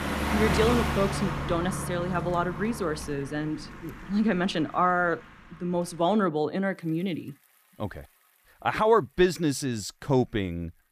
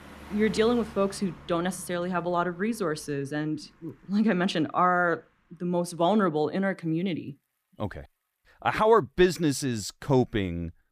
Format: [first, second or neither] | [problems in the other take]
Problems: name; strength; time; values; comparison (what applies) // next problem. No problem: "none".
second | traffic noise; loud; throughout; 4 dB below the speech; faint in the second